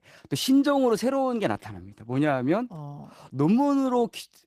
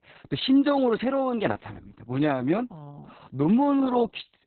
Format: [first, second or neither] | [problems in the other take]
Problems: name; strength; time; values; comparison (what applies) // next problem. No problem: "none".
first | garbled, watery; badly; nothing above 4 kHz; slightly in the first